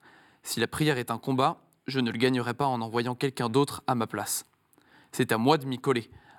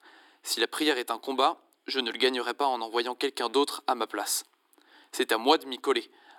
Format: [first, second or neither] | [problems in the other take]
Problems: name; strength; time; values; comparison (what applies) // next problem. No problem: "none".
first | thin; somewhat; fading below 300 Hz